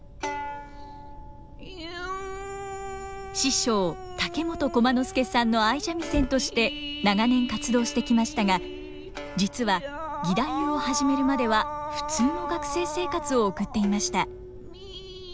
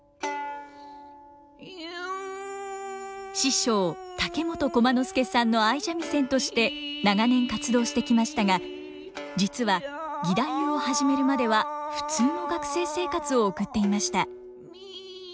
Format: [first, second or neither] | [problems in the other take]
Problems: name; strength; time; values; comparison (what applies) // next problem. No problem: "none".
second | background sound (Fire); 15 dB below the speech